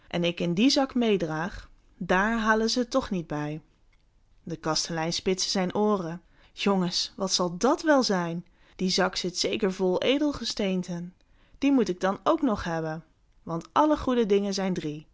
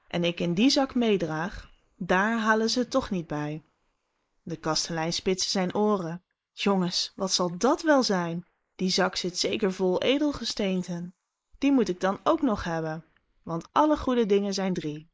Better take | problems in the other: first | noise reduction (neural mask model Resemble Enhance denoiser)

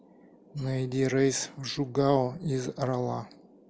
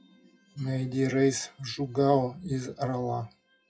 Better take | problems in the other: first | noise reduction (classical method WPE with log-MMSE)

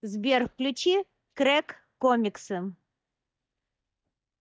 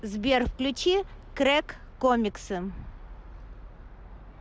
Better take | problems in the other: second | noise reduction (neural mask model DeepFilterNet 3)

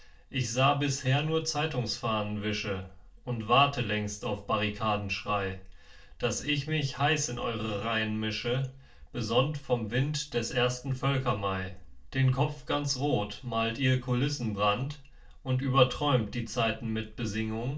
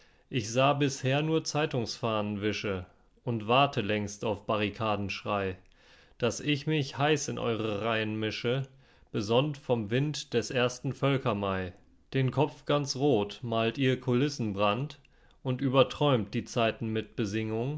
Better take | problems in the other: second | room echo; dies away in 0.2 s

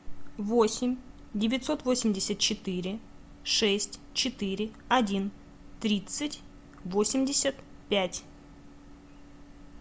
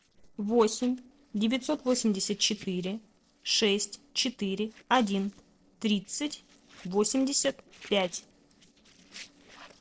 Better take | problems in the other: first | noise reduction (neural separator model SepFormer DNS4)

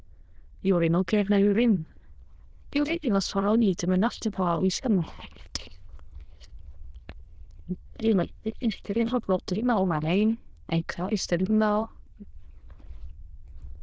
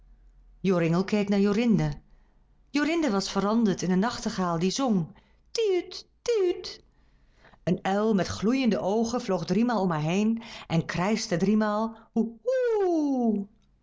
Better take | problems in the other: second | noise reduction (neural diffusion model UNIVERSE++)

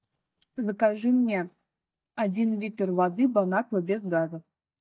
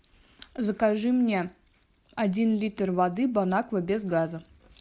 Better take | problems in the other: second | noise reduction (neural mask model DeepFilterNet 3)

